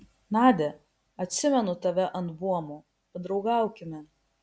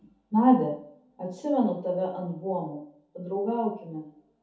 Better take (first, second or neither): first